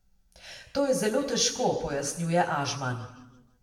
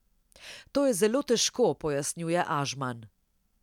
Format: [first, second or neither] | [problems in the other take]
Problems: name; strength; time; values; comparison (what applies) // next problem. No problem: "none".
second | room echo; dies away in 1 s